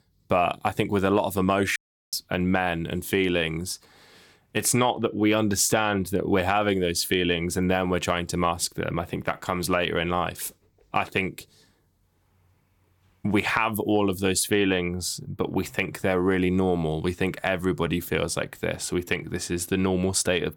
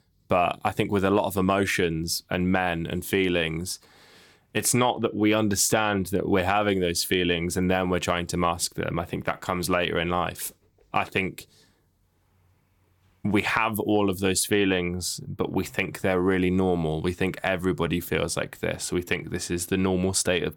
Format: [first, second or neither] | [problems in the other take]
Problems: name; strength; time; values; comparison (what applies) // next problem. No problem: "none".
second | audio cutting out; at 2 s